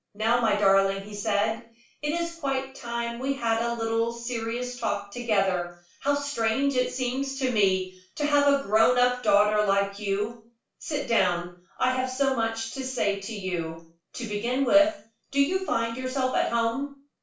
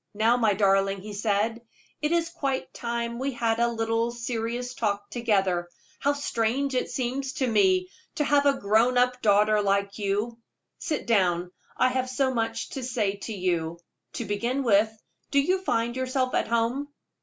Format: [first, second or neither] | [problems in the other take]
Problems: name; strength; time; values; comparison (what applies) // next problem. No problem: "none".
second | room echo; dies away in 0.3 s